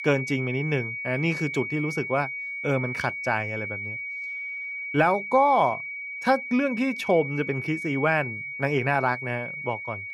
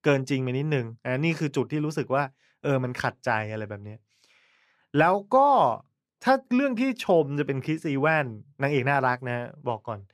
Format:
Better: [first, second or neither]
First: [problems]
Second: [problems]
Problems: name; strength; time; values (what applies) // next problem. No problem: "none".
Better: second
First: high-pitched whine; loud; throughout; 2.5 kHz, 6 dB below the speech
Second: none